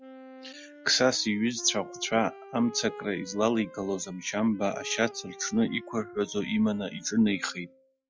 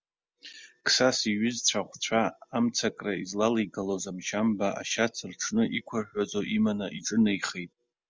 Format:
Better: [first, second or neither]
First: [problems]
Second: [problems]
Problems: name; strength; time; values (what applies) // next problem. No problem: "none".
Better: second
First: noise reduction (classical method log-MMSE)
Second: none